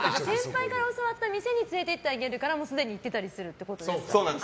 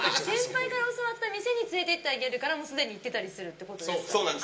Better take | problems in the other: first | room echo; dies away in 0.2 s

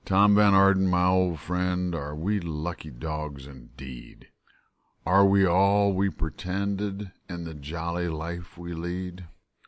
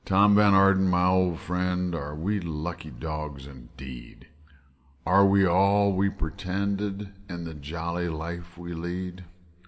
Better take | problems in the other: first | room echo; dies away in 2.2 s

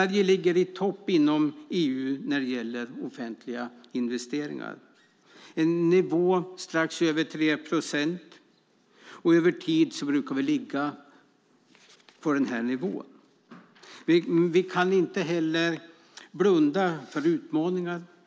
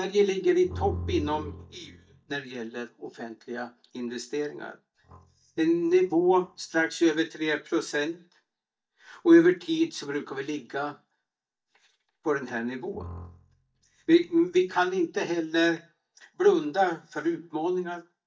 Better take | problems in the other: first | noise reduction (neural mask model DeepFilterNet 3)

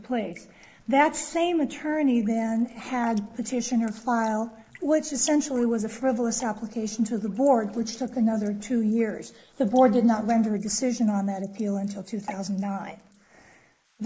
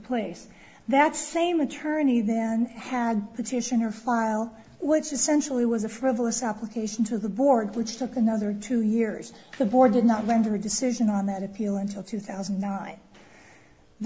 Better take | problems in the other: second | noise reduction (neural mask model Resemble Enhance denoiser)

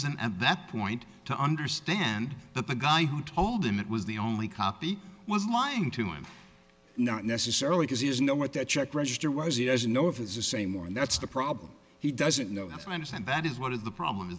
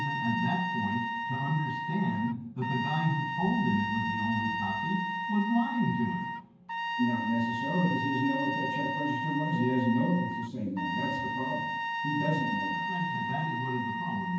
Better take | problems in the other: first | background sound (Trumpet); 2 dB below the speech // room echo; dies away in 0.9 s

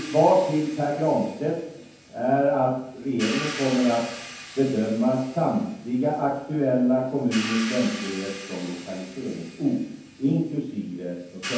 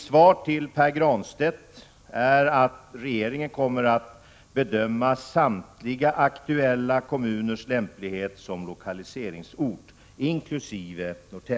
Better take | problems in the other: second | background sound (Hi-hat); 14 dB below the speech // room echo; dies away in 0.9 s

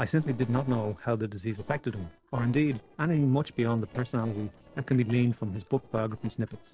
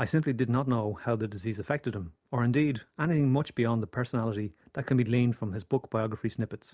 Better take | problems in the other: second | noise reduction (neural separator model SepFormer DNS4)

